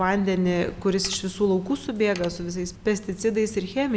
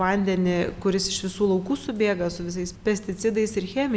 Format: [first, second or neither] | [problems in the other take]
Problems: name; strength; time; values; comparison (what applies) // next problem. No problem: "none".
second | background sound (Mechanisms); 17 dB below the speech